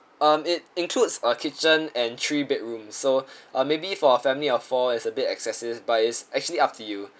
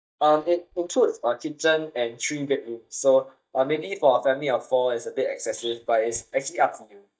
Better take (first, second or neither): first